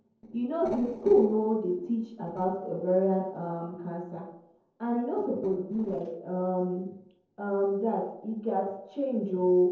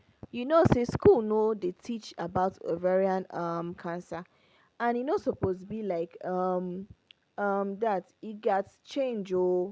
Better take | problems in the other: second | noise reduction (neural separator model SepFormer DNS4)

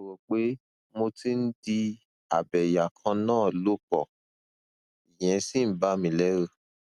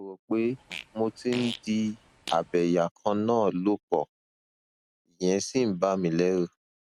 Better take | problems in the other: first | background sound (Fart); 15 dB below the speech

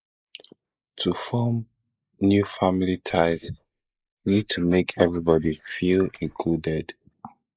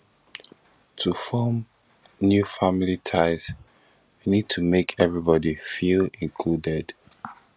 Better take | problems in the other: second | noise reduction (neural mask model Resemble Enhance denoiser)

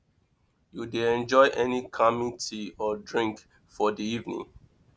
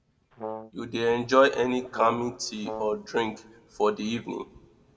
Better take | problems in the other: first | background sound (Brass instrument); 11 dB below the speech // room echo; dies away in 0.7 s

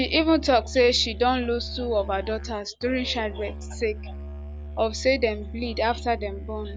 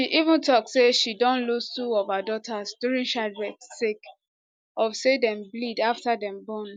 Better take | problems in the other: second | background sound (Musical instrument); 10 dB below the speech

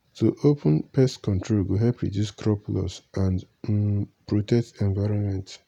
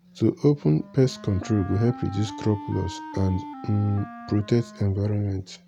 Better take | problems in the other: first | background sound (Wind instrument, woodwind instrument); 15 dB below the speech

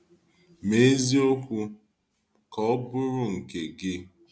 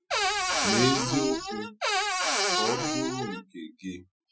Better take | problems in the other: first | noise reduction (classical method Wiener filter)

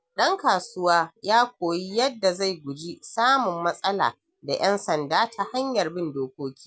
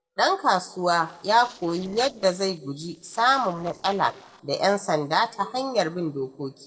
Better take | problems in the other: first | noise reduction (neural separator model SepFormer DNS4)

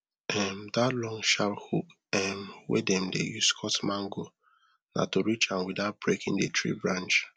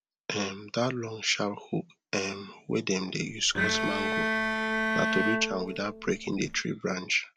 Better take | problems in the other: first | background sound (Bowed string instrument); 1 dB above the speech

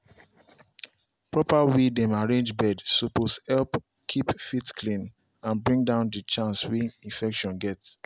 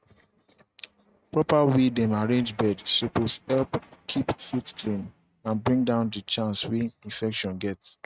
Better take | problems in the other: first | noise reduction (neural mask model RNNoise)

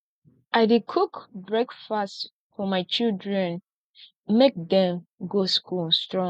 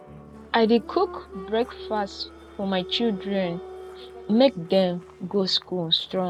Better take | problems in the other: first | background sound (Applause); 16 dB below the speech

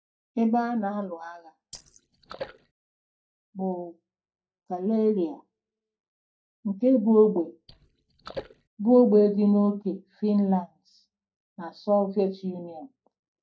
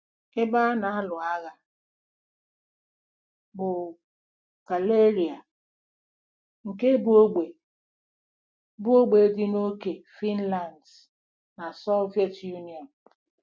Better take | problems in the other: second | noise reduction (neural mask model DeepFilterNet 3)

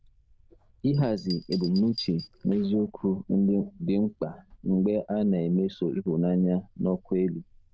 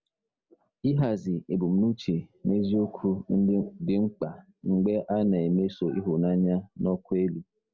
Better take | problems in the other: second | noise reduction (neural diffusion model UNIVERSE++)

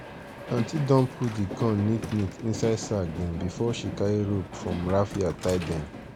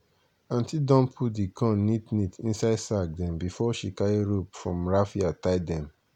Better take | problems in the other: second | background sound (Train); 10 dB below the speech

